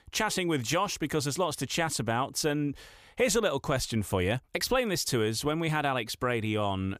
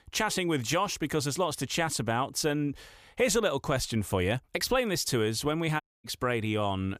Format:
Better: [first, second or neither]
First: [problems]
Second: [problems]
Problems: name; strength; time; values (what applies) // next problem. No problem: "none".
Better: first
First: none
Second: audio cutting out; at 6 s